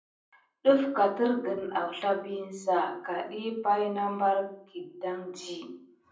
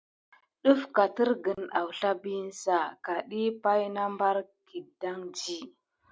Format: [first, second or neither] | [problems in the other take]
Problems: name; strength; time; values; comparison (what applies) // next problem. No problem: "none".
second | room echo; dies away in 0.6 s